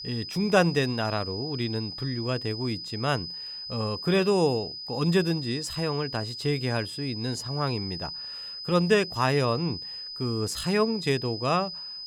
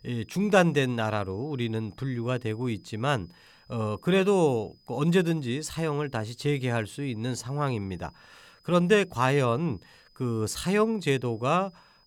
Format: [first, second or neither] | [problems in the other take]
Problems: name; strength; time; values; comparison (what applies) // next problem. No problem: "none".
second | high-pitched whine; loud; throughout; 5 kHz, 7 dB below the speech; faint in the second